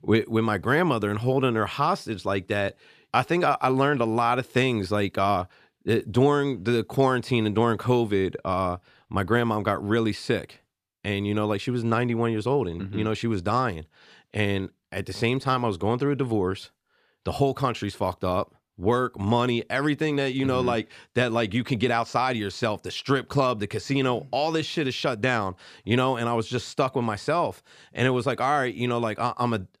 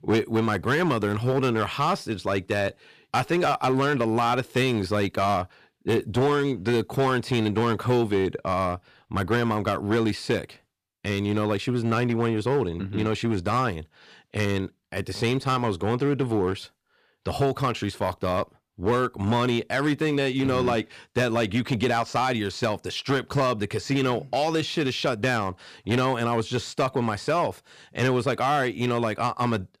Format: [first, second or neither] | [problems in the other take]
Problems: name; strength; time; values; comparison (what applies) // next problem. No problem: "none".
first | distortion; slight; 7% of the sound clipped